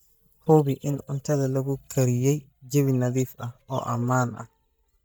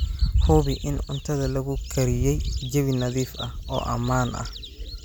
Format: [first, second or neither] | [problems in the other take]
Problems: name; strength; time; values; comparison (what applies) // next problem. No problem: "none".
second | noise reduction (neural mask model DeepFilterNet 3)